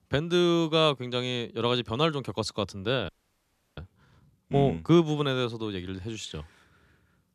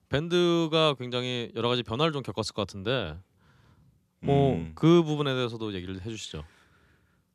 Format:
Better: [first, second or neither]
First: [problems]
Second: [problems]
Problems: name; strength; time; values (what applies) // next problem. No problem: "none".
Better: second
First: audio freezing; at 3 s for 0.5 s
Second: none